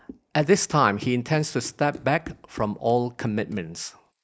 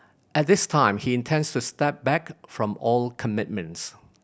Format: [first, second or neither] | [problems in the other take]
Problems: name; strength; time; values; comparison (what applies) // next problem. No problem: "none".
second | noise reduction (neural mask model Resemble Enhance denoiser)